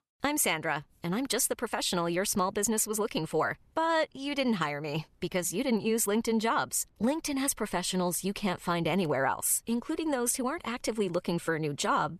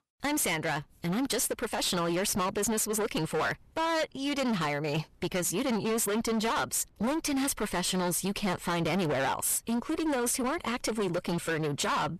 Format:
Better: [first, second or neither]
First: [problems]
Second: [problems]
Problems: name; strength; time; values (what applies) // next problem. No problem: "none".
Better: first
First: none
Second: distortion; heavy; 27% of the sound clipped